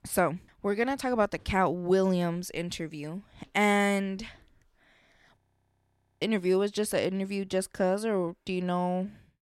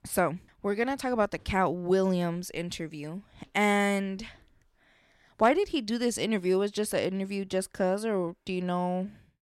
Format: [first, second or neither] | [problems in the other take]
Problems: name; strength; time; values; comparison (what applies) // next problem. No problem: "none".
second | audio freezing; at 5.5 s for 1 s